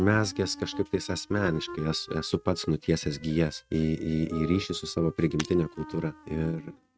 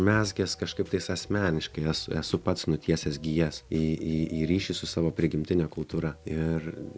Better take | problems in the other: second | noise reduction (neural mask model RNNoise)

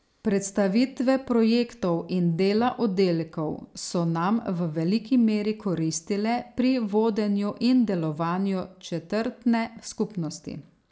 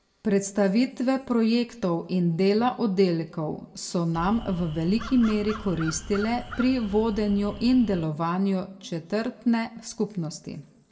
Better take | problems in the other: first | background sound (Crow); 13 dB below the speech // room echo; dies away in 1.6 s

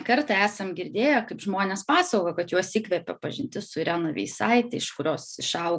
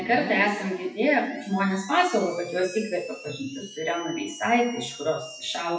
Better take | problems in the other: first | noise reduction (classical method WPE with log-MMSE)

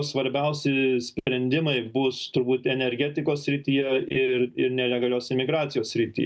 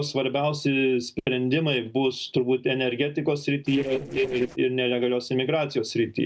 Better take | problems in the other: first | noise reduction (neural separator model SepFormer DNS4)

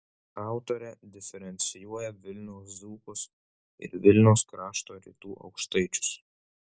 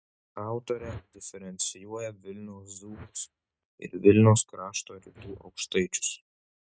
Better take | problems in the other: first | noise reduction (neural mask model RNNoise)

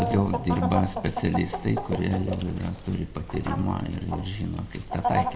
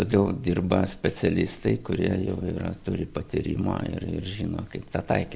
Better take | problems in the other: second | background sound (Chicken, rooster); 6 dB below the speech // room echo; dies away in 1 s

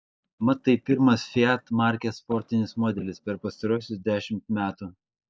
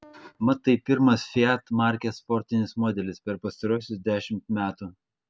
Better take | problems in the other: second | noise reduction (neural mask model DeepFilterNet 3)

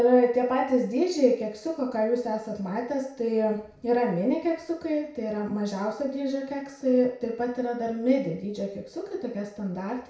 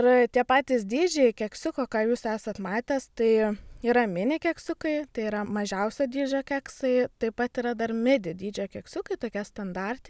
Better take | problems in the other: second | room echo; dies away in 0.6 s

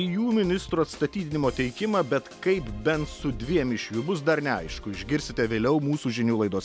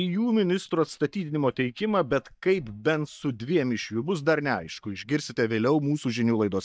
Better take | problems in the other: first | noise reduction (neural mask model DeepFilterNet 3)

